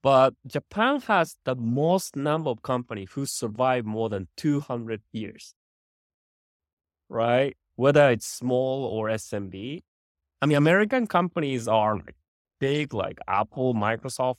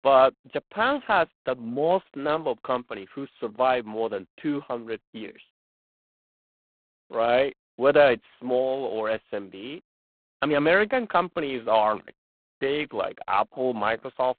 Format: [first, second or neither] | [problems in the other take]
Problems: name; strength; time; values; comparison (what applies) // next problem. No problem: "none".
first | phone-call audio; poor line; nothing above 4 kHz